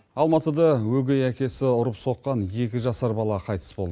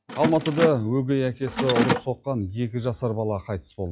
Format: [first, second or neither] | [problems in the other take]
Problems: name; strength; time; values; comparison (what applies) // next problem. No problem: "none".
first | noise reduction (classical method log-MMSE)